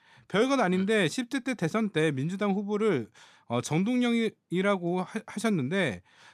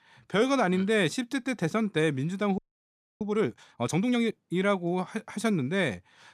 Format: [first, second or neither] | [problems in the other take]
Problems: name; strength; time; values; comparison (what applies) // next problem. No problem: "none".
first | audio freezing; at 2.5 s for 0.5 s